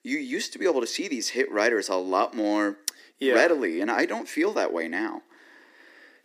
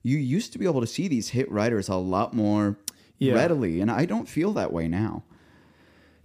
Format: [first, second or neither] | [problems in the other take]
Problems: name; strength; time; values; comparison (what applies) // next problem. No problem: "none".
second | thin; somewhat; fading below 300 Hz